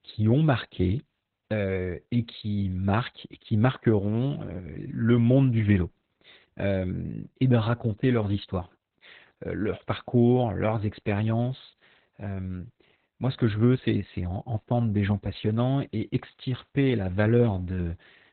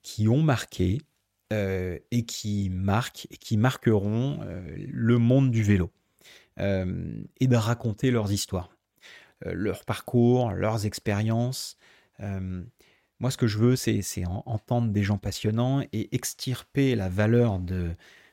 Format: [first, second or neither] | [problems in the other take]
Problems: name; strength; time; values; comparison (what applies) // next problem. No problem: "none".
second | garbled, watery; badly; nothing above 4 kHz